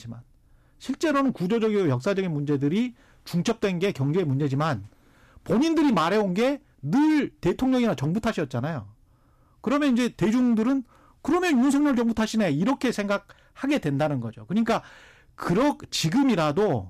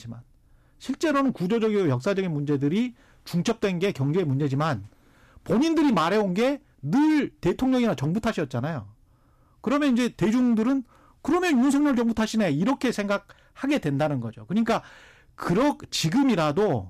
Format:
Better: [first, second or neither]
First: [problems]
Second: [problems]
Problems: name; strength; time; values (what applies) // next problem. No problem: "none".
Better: neither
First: distortion; slight; 9% of the sound clipped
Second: distortion; slight; 9% of the sound clipped